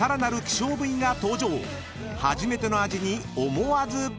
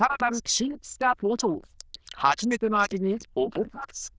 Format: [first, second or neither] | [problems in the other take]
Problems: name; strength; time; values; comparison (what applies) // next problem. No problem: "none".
first | noise reduction (neural diffusion model UNIVERSE++)